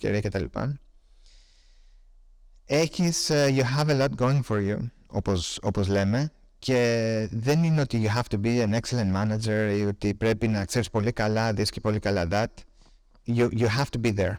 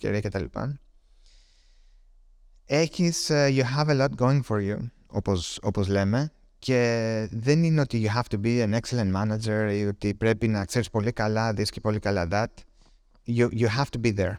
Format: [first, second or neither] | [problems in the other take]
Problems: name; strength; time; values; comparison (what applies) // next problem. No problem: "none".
second | distortion; slight; 6% of the sound clipped